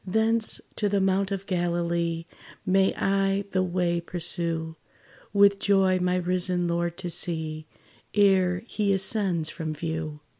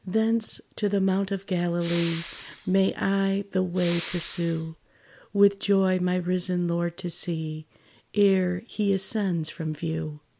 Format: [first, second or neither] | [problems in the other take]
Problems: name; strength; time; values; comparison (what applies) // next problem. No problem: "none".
first | background sound (Respiratory sounds); 14 dB below the speech